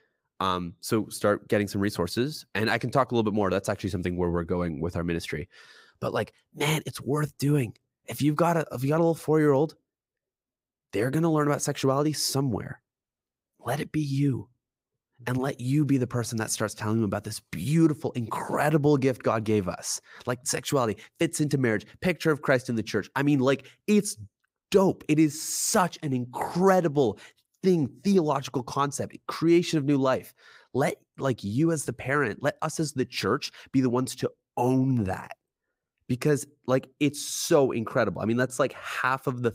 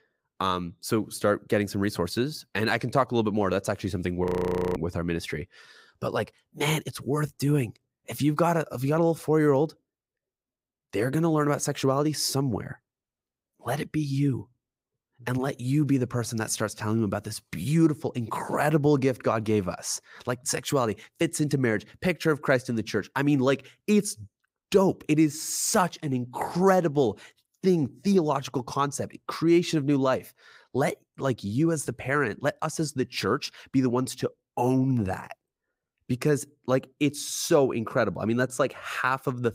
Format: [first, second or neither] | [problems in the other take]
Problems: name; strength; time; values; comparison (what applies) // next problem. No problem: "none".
first | audio freezing; at 4.5 s for 0.5 s